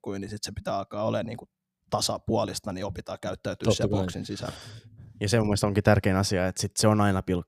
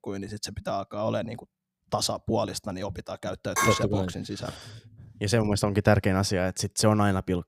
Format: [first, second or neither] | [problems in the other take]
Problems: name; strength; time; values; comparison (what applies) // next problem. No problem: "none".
first | clattering dishes; loud; at 3.5 s; peak 1 dB above the speech